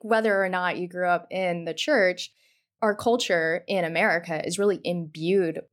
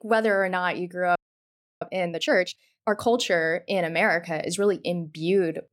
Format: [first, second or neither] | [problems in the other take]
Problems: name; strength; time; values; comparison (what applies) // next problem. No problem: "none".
first | audio freezing; at 1 s for 0.5 s